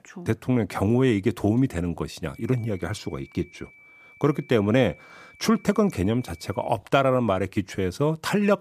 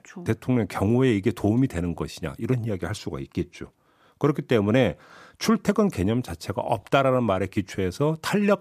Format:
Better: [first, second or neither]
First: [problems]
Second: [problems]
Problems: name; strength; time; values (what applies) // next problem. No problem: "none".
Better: second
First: high-pitched whine; faint; from 2.5 to 6.5 s; 2.5 kHz, 25 dB below the speech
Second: none